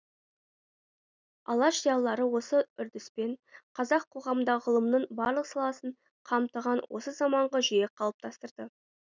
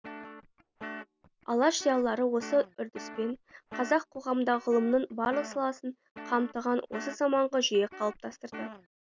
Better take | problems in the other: first | background sound (Guitar); 15 dB below the speech

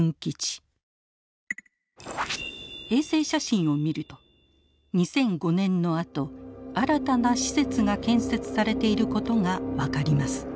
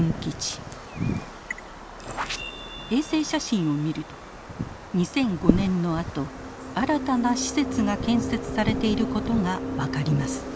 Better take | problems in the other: first | background sound (Wind); 7 dB below the speech

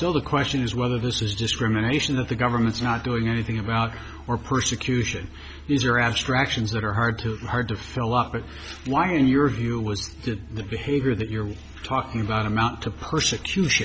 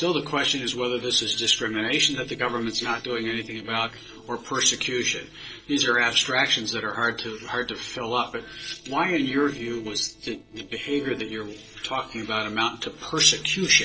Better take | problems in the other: first | noise reduction (neural separator model SepFormer DNS4)

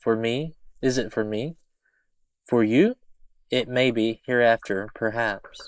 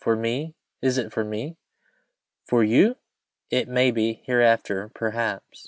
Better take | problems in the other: second | noise reduction (neural mask model Resemble Enhance denoiser)

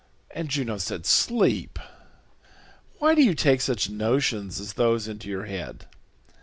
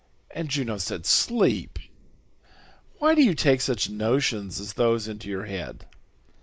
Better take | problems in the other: first | noise reduction (neural mask model Resemble Enhance denoiser)

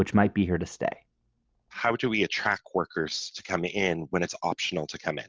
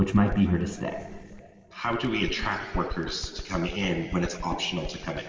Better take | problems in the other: first | background sound (Bird); 11 dB below the speech // room echo; dies away in 2.3 s

